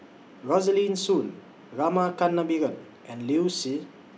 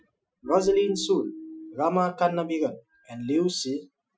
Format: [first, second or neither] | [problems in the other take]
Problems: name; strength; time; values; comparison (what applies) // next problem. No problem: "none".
first | noise reduction (classical method Wiener filter)